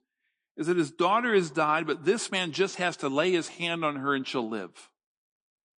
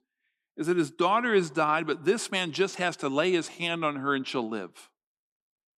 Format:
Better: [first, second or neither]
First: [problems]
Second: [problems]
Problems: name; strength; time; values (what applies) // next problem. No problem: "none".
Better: second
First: garbled, watery; slightly; nothing above 9.5 kHz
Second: none